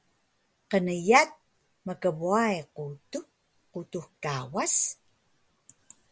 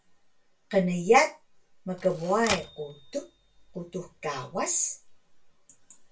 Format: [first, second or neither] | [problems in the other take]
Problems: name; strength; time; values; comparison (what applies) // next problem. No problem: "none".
first | background sound (Typewriter); 11 dB below the speech // room echo; dies away in 0.2 s